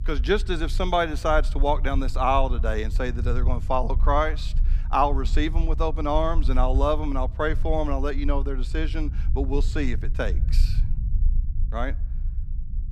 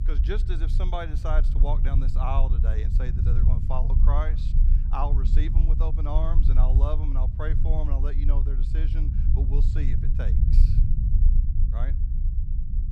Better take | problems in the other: first | low rumble; loud; throughout; 6 dB below the speech; faint in the first

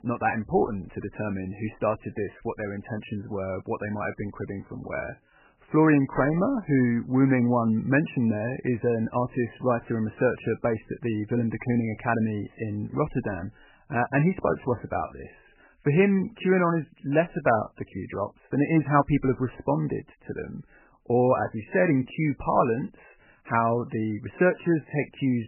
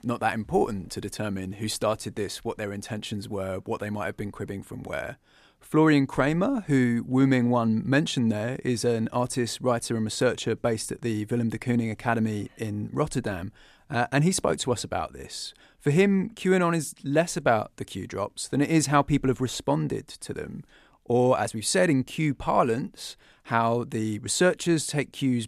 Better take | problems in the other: second | garbled, watery; badly; nothing above 2.5 kHz

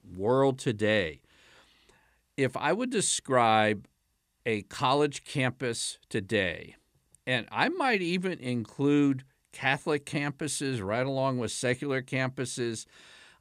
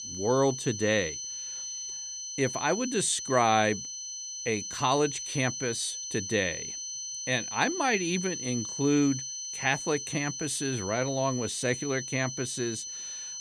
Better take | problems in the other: first | high-pitched whine; loud; throughout; 6 kHz, 6 dB below the speech

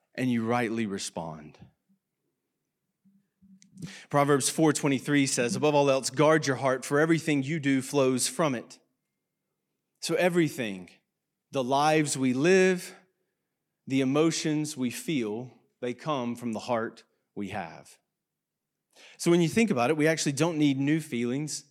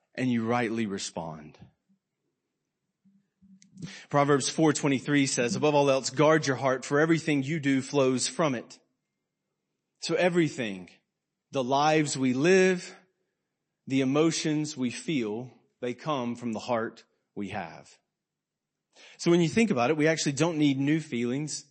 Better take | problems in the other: first | garbled, watery; slightly; nothing above 8 kHz

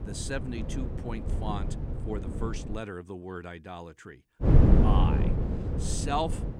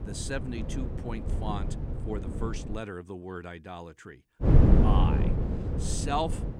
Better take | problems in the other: neither | wind noise on the microphone; heavy; until 3 s and from 4.5 s on; 1 dB below the speech; the same in both

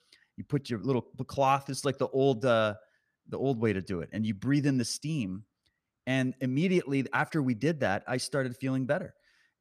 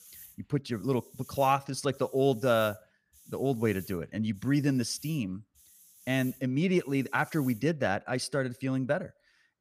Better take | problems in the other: first | hiss; faint; until 8 s; 20 dB below the speech

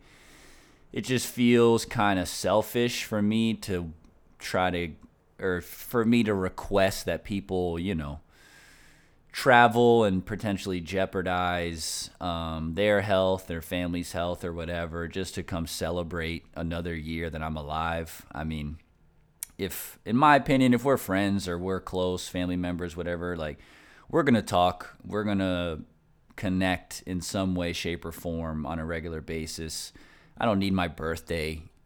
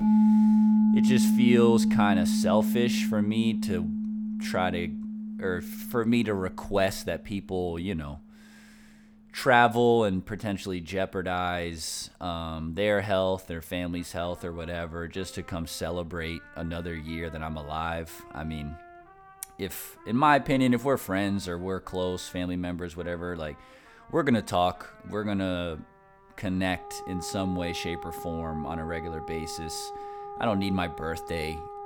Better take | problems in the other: first | background music; very loud; throughout; 1 dB above the speech

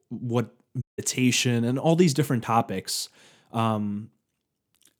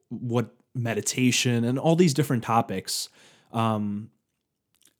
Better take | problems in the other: second | audio cutting out; at 1 s

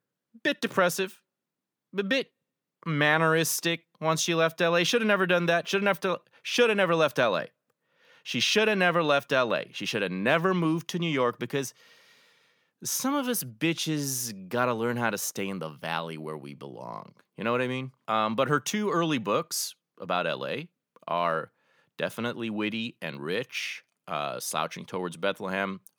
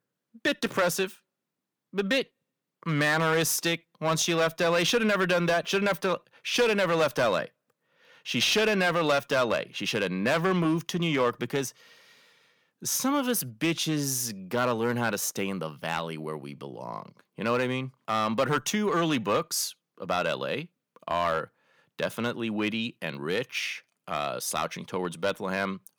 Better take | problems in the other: first | distortion; slight; 4% of the sound clipped

